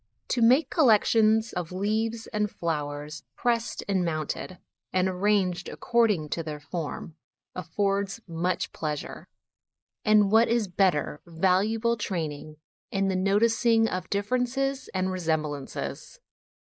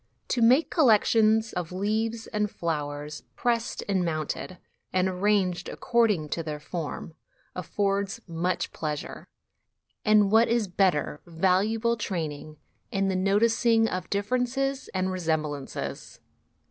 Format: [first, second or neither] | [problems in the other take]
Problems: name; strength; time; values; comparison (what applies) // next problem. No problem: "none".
second | noise reduction (neural mask model Resemble Enhance denoiser)